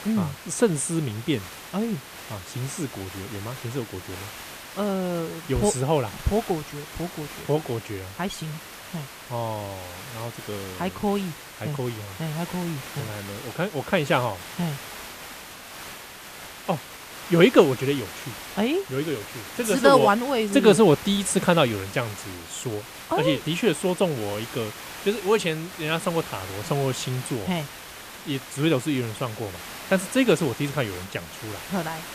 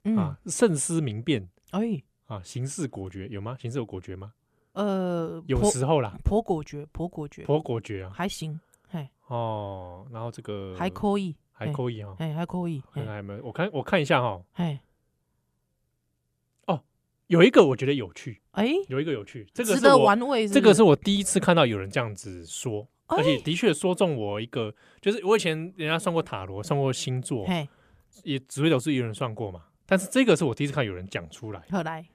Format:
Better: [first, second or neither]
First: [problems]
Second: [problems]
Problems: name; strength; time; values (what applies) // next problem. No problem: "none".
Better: second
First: hiss; noticeable; throughout; 15 dB below the speech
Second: none